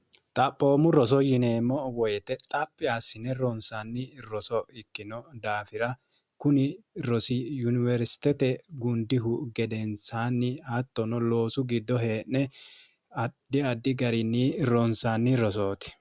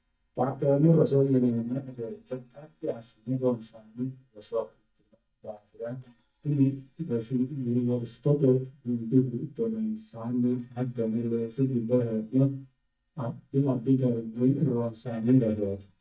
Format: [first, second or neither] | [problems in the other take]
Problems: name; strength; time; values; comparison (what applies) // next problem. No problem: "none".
first | noise reduction (neural mask model DeepFilterNet 3)